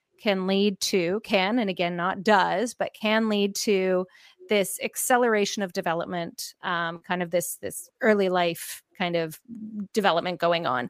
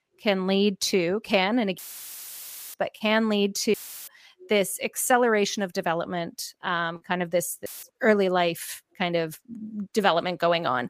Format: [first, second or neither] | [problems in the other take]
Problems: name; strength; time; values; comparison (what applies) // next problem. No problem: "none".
first | audio cutting out; filled with static; at 2 s for 1 s, at 3.5 s and at 7.5 s